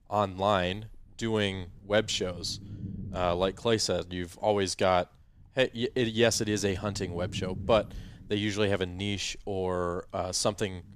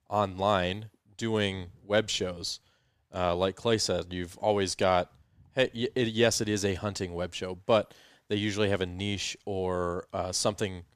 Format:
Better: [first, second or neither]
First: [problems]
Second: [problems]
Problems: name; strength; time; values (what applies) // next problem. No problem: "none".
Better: second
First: low rumble; faint; throughout; 25 dB below the speech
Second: none